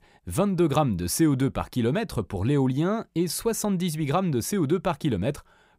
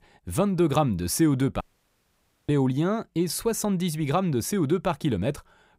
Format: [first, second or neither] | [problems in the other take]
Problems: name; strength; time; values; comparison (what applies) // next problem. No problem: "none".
first | audio cutting out; at 1.5 s for 1 s